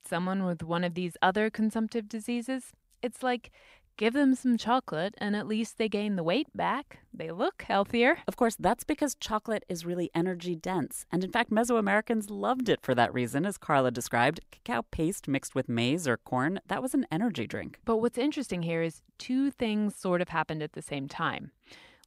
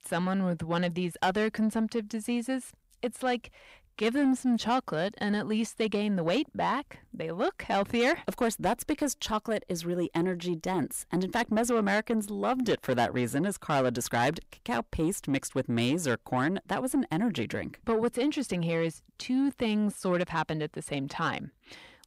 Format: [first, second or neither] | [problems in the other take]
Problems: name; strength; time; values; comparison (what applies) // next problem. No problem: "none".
first | distortion; slight; 10 dB below the speech